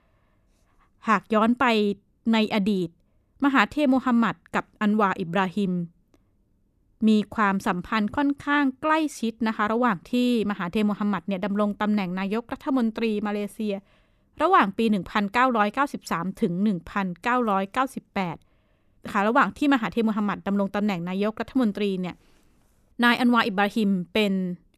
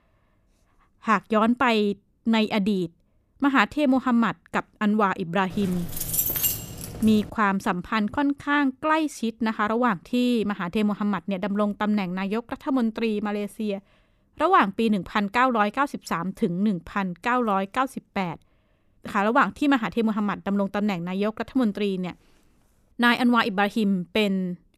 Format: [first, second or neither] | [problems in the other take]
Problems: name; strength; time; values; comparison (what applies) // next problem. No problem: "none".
first | jangling keys; loud; from 5.5 to 7.5 s; peak 3 dB above the speech